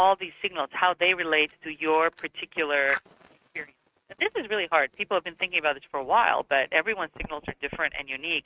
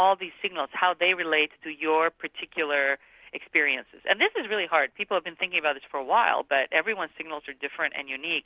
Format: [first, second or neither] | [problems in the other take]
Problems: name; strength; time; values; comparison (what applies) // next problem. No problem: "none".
second | noise reduction (neural mask model RNNoise)